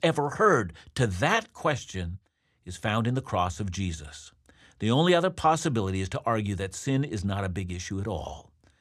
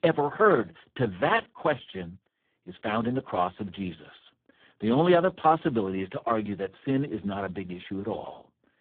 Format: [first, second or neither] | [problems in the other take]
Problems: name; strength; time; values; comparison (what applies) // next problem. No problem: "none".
first | phone-call audio; poor line